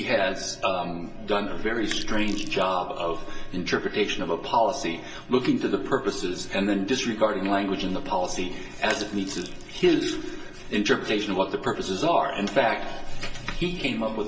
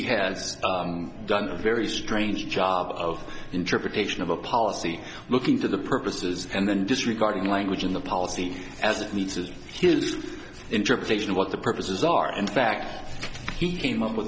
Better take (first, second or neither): second